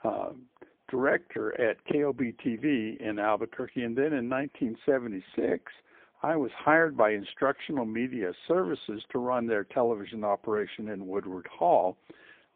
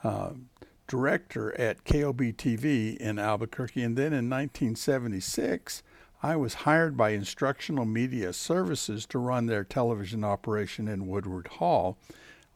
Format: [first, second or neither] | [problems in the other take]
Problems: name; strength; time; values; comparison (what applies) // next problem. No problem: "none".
second | phone-call audio; poor line; nothing above 3.5 kHz